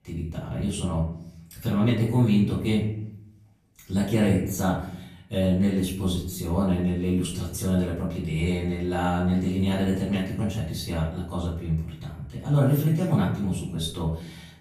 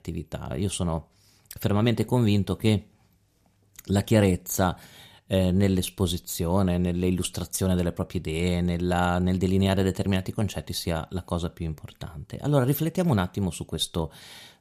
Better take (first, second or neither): second